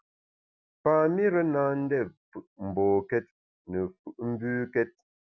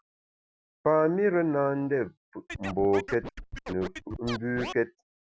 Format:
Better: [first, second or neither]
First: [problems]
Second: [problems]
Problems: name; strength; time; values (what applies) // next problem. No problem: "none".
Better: first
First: none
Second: background sound (Scratching (performance technique)); 10 dB below the speech